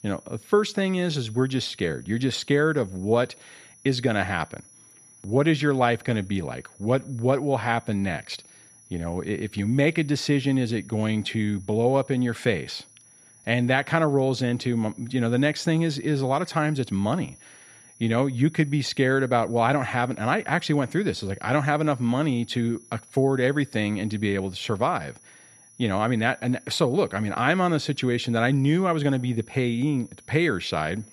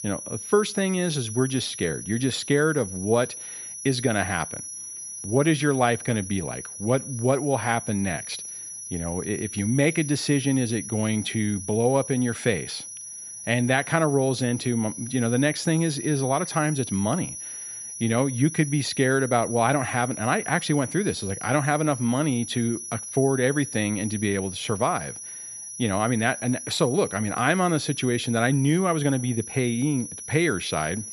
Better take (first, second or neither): first